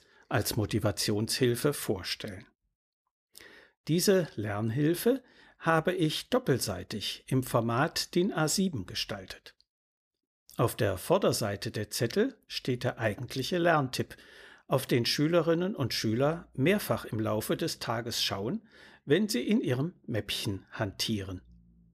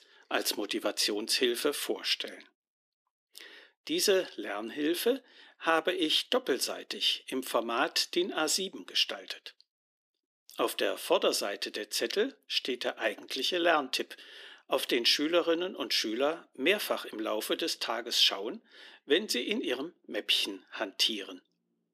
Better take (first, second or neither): first